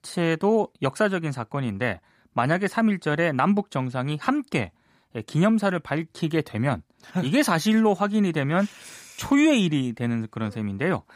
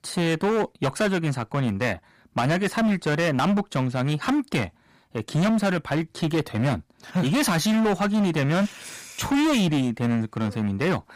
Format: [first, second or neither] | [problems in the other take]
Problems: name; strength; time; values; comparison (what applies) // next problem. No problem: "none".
first | distortion; heavy; 18% of the sound clipped